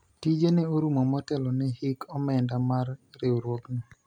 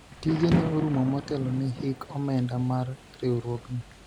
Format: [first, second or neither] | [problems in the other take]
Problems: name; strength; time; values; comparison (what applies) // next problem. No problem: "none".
first | background sound (Thunder / Rain); 8 dB below the speech